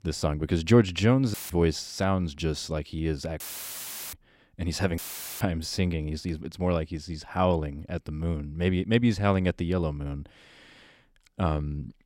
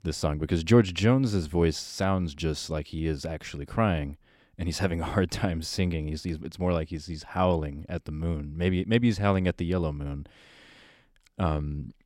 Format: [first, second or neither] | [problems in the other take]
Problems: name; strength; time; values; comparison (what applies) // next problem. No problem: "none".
second | audio cutting out; filled with static; at 1.5 s, at 3.5 s for 0.5 s and at 5 s